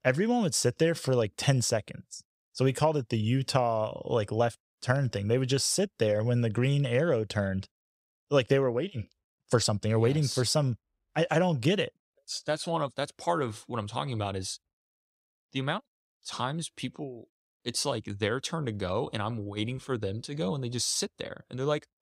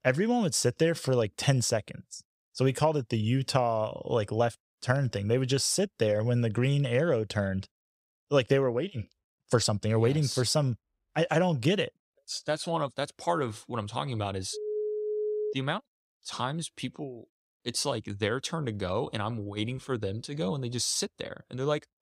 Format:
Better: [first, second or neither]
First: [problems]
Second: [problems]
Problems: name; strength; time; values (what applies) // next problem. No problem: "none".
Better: first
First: none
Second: phone ringing; noticeable; from 15 to 16 s; peak 2 dB below the speech